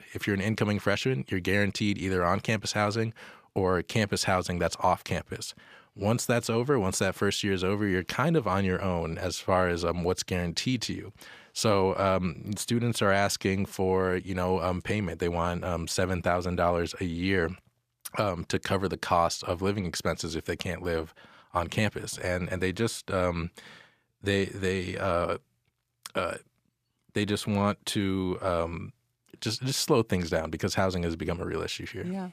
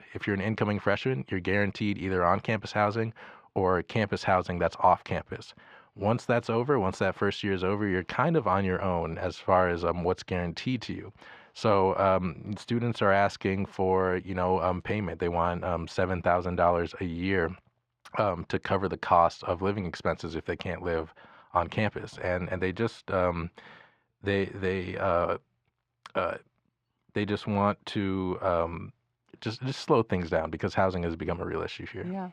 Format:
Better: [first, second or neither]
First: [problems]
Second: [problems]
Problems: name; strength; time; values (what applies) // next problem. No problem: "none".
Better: first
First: none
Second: muffled; slightly; fading above 3 kHz